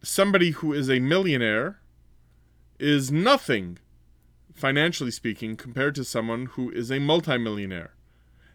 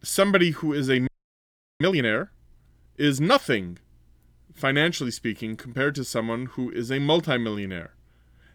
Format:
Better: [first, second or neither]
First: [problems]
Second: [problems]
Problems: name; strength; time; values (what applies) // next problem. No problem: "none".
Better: first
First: none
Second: audio freezing; at 1 s for 0.5 s